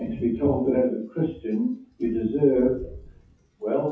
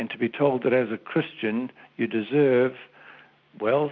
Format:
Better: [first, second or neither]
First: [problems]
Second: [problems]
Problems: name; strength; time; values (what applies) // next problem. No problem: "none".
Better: second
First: noise reduction (classical method WPE with log-MMSE)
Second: none